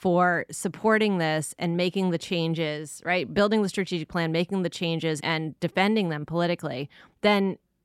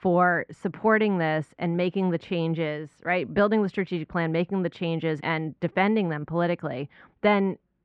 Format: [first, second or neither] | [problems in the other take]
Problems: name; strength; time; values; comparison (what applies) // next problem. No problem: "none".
first | muffled; very; fading above 2 kHz